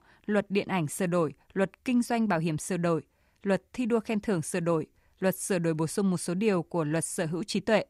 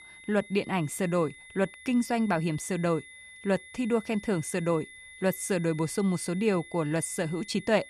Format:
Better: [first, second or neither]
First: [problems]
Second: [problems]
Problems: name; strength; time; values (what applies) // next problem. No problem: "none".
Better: first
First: none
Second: high-pitched whine; noticeable; throughout; 2 kHz, 15 dB below the speech